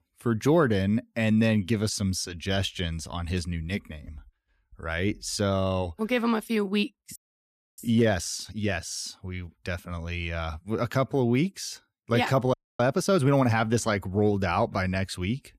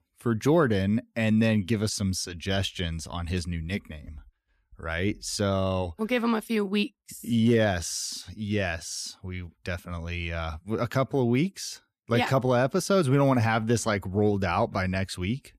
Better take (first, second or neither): second